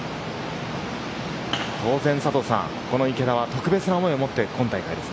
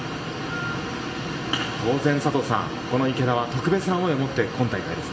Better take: first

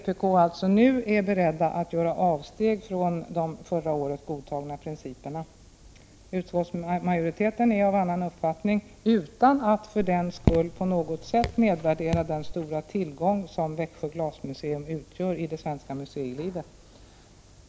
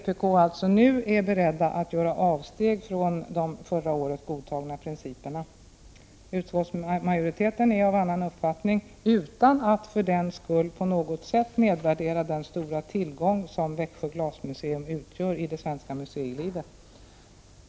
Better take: second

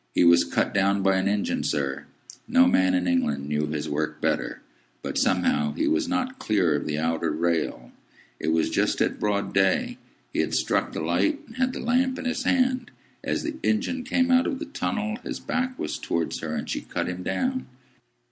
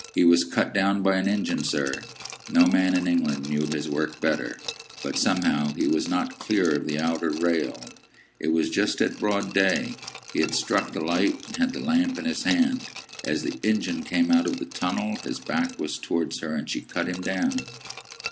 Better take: first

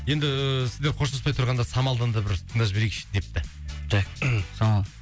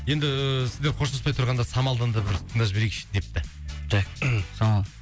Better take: first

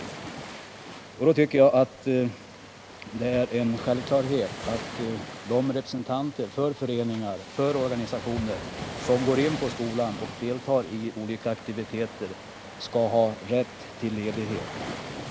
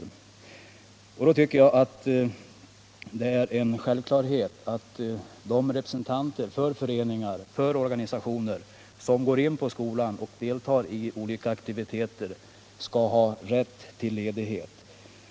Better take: second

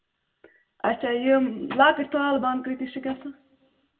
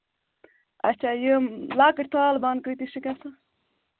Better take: second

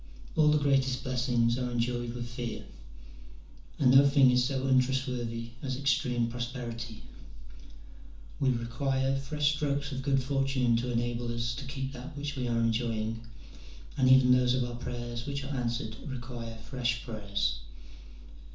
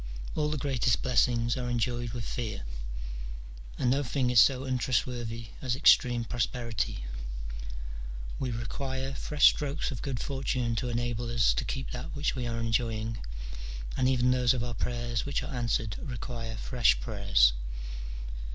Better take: second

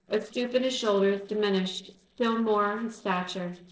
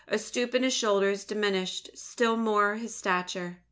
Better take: second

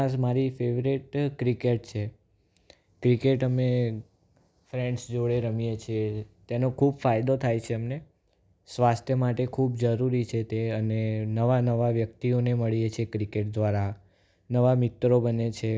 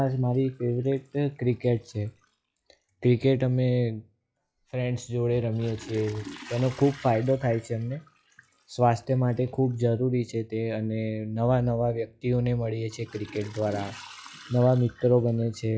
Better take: first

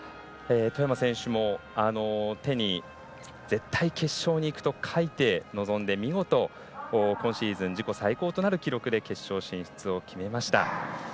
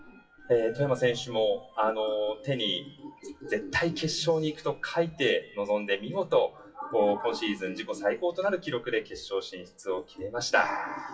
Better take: first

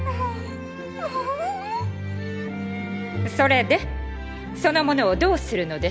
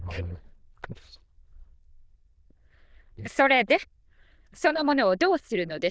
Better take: first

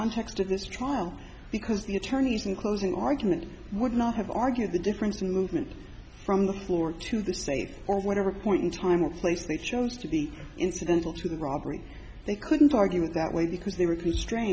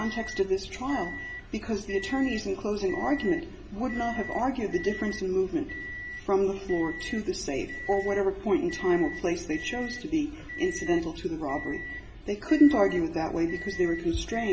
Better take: first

